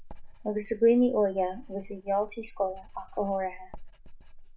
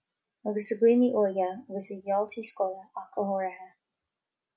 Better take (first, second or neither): second